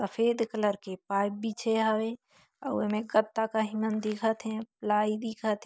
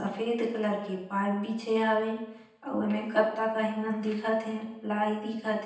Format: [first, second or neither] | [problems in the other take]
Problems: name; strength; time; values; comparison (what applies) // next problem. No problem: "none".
first | room echo; dies away in 0.9 s